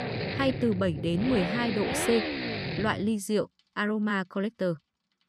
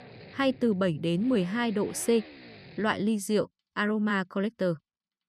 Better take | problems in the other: second | traffic noise; loud; throughout; 4 dB below the speech; faint in the second

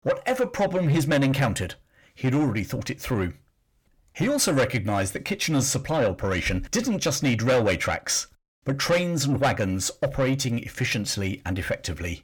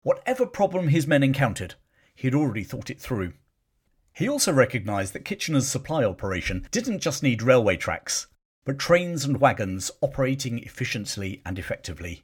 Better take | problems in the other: second | distortion; heavy; 8 dB below the speech

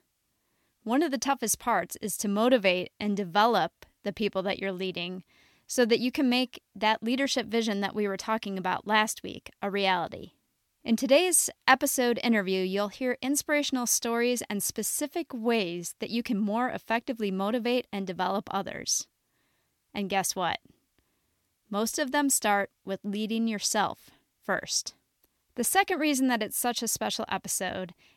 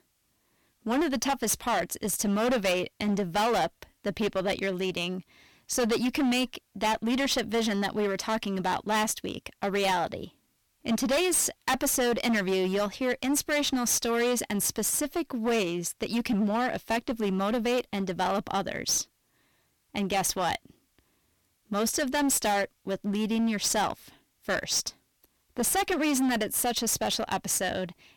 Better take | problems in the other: first | distortion; heavy; 15% of the sound clipped

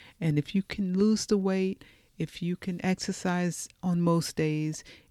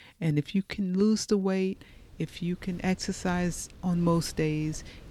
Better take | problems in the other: first | wind noise on the microphone; occasional gusts; from 1.5 s on; 20 dB below the speech

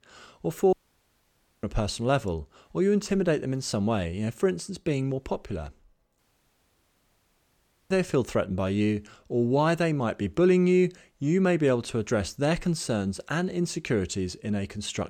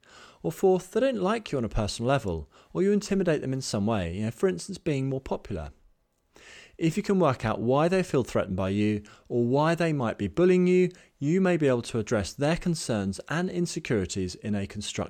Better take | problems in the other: second | audio cutting out; at 0.5 s for 1 s and at 6 s for 1.5 s

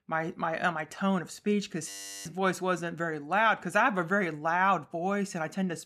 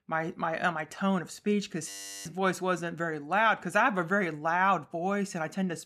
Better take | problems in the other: neither | audio freezing; at 2 s; the same in both

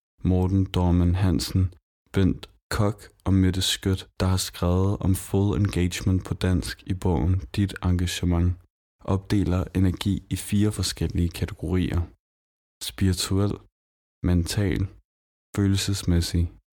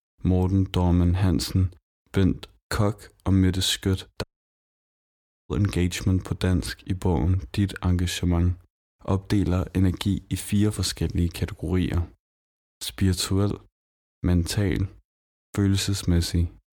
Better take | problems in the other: first | audio cutting out; at 4 s for 1.5 s

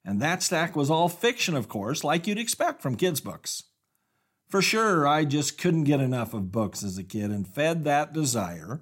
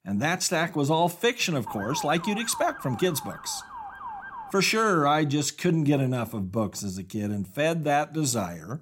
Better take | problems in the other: first | siren; noticeable; from 1.5 to 4.5 s; peak 9 dB below the speech

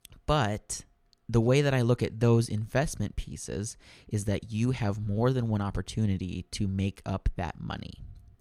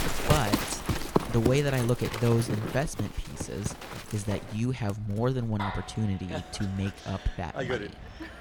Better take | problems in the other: first | animal sounds; loud; throughout; 3 dB below the speech

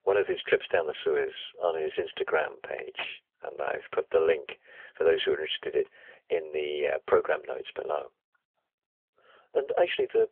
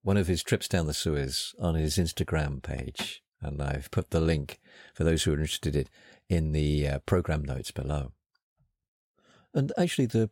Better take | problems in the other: second | phone-call audio; nothing above 3.5 kHz

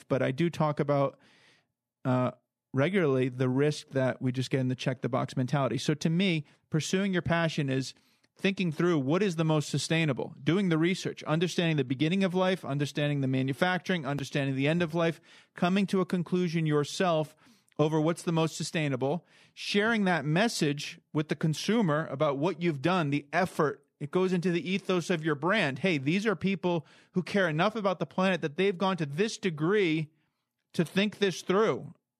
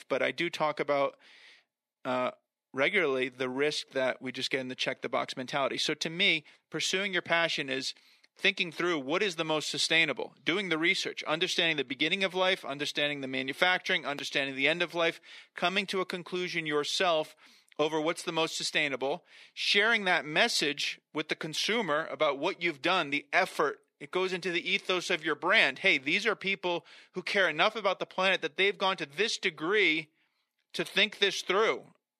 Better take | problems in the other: first | thin; somewhat; fading below 400 Hz

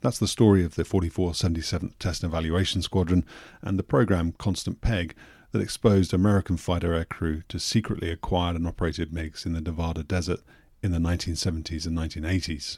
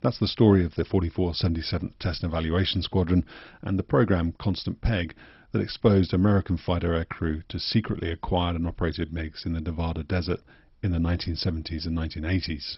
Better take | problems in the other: first | garbled, watery; badly; nothing above 5.5 kHz

